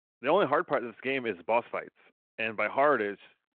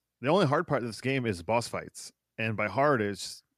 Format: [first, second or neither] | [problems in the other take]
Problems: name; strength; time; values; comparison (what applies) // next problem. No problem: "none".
second | phone-call audio